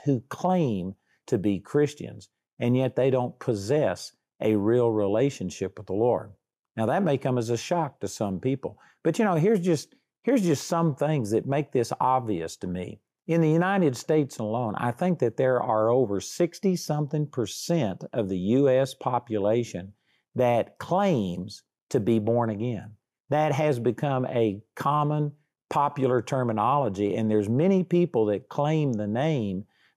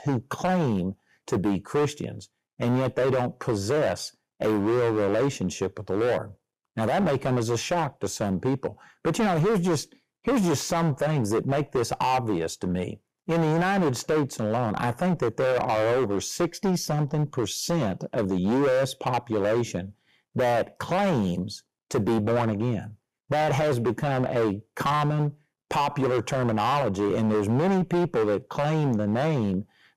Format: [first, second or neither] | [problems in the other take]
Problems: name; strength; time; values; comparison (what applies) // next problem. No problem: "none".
first | distortion; heavy; 16% of the sound clipped